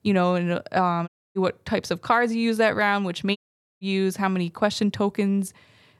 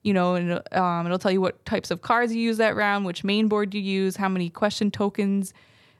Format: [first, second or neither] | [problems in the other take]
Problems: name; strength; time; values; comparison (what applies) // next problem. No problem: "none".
second | audio cutting out; at 1 s and at 3.5 s